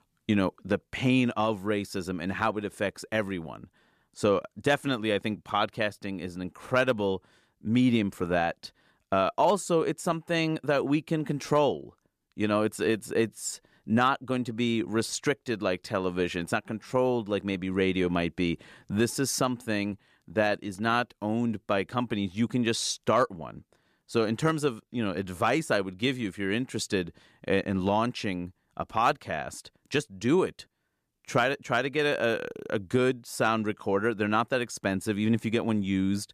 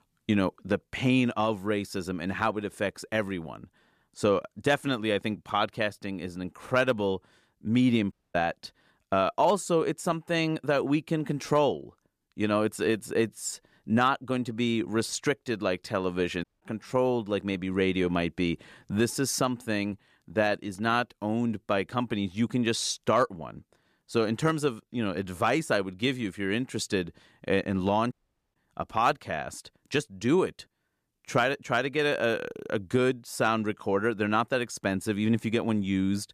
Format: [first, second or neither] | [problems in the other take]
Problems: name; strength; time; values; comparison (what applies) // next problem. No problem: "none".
first | audio cutting out; at 8 s, at 16 s and at 28 s